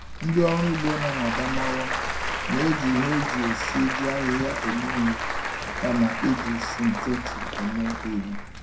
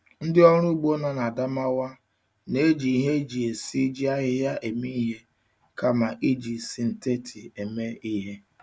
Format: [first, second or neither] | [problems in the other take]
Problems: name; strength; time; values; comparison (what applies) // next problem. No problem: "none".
second | background sound (Applause); 3 dB below the speech // room echo; dies away in 0.2 s